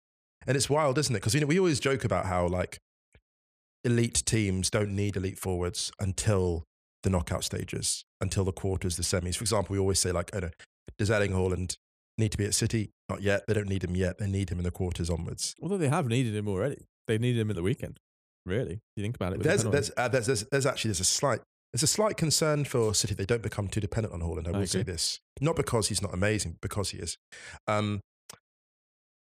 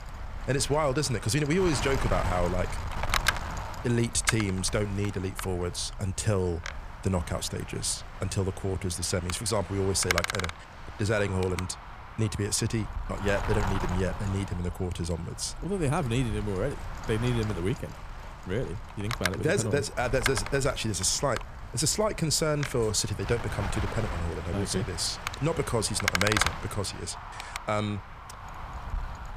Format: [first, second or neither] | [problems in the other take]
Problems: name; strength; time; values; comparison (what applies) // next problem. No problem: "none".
first | wind noise on the microphone; heavy; 4 dB below the speech